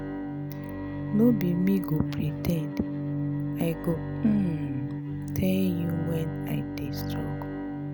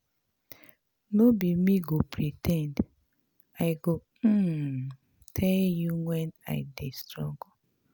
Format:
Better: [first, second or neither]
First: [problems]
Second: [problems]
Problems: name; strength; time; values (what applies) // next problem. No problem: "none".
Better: second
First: background sound (Bowed string instrument); 3 dB below the speech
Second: none